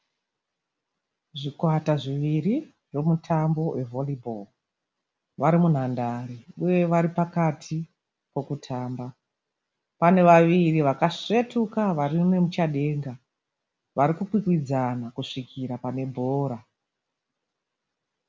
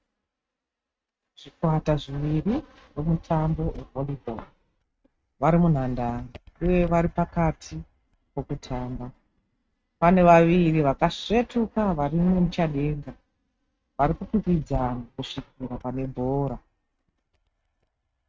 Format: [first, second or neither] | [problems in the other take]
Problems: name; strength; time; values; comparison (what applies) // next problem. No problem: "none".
first | noise reduction (neural mask model RNNoise)